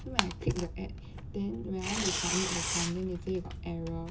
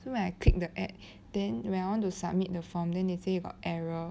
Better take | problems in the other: second | background sound (Tearing); 1 dB below the speech // room echo; dies away in 0.2 s

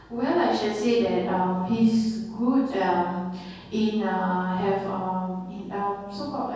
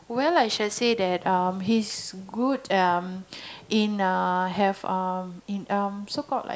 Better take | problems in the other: second | room echo; dies away in 1.3 s

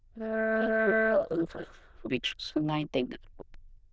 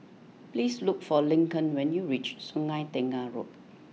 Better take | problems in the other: second | noise reduction (neural diffusion model UNIVERSE++)

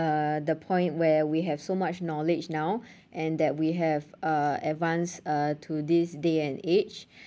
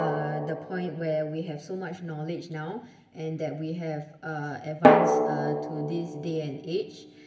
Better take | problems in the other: first | background sound (Drum); 4 dB above the speech // room echo; dies away in 0.7 s

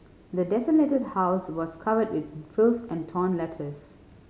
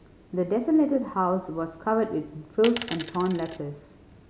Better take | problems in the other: first | background sound (Coin (dropping)); 11 dB below the speech

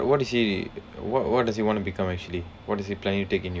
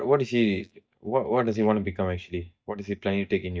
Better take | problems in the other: first | noise reduction (neural mask model DeepFilterNet 3)

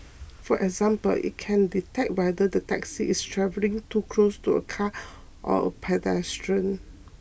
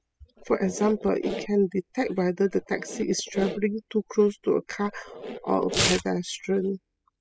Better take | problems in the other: first | noise reduction (classical method spectral subtraction)

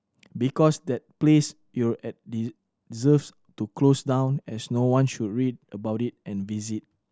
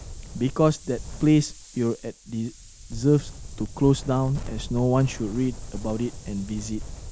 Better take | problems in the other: first | background sound (Wind); 11 dB below the speech

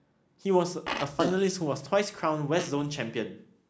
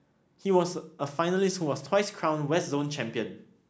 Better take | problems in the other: second | noise reduction (neural mask model Resemble Enhance denoiser)

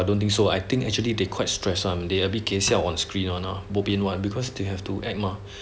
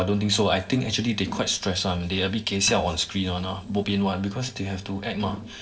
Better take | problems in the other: first | noise reduction (neural separator model SepFormer DNS4)

